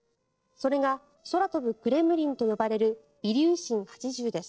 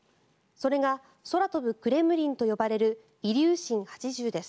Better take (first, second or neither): second